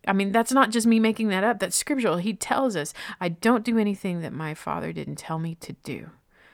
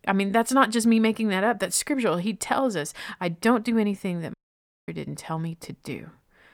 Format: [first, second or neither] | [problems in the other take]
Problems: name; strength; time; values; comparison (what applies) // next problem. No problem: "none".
first | audio cutting out; at 4.5 s for 0.5 s